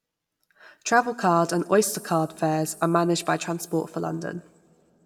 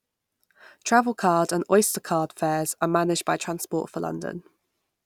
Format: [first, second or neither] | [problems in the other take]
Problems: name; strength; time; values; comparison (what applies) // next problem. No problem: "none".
second | room echo; dies away in 1.4 s